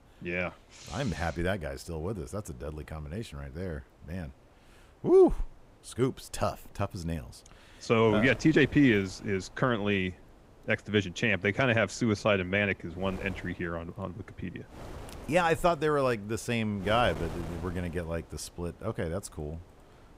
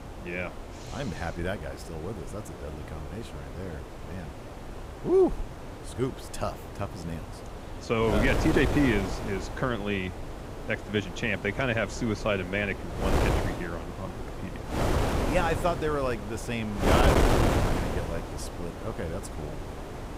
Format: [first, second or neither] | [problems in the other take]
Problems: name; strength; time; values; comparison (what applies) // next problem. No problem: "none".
first | wind noise on the microphone; heavy; 4 dB below the speech; occasional gusts in the first